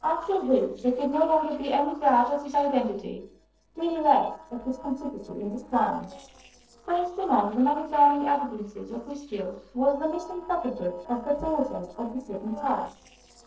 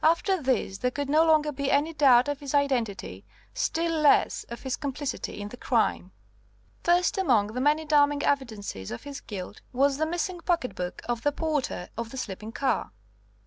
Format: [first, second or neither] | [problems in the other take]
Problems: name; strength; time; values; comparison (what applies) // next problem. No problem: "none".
second | noise reduction (neural separator model SepFormer DNS4)